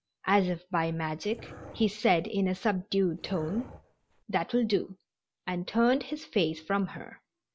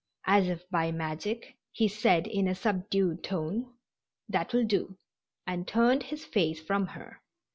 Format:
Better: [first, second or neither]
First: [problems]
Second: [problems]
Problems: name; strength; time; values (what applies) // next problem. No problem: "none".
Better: second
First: background sound (Dog); 18 dB below the speech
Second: none